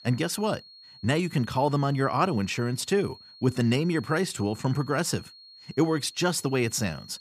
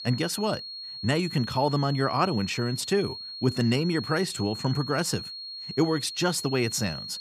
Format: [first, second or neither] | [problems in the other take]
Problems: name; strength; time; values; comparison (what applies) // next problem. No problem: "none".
first | high-pitched whine; loud; throughout; 4.5 kHz, 9 dB below the speech; faint in the first